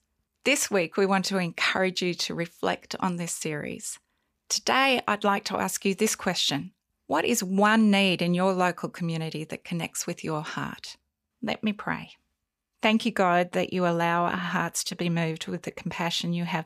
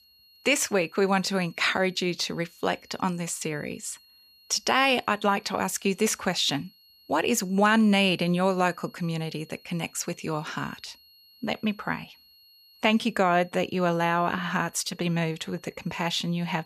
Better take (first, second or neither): first